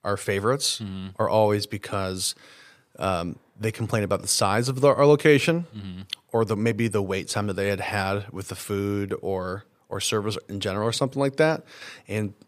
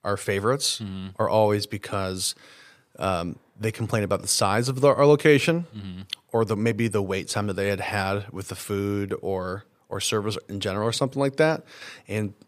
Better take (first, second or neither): neither